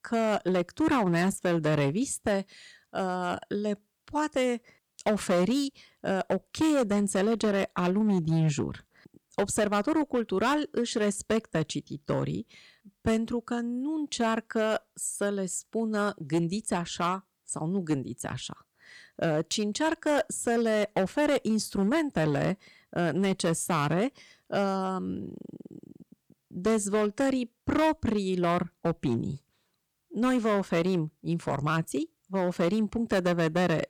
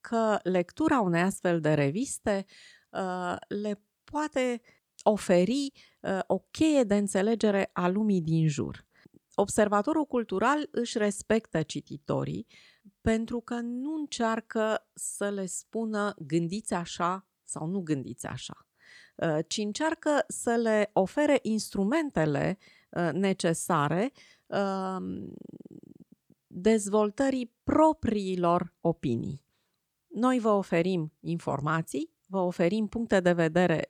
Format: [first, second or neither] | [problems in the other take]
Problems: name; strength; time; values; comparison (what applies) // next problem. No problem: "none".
second | distortion; slight; 8% of the sound clipped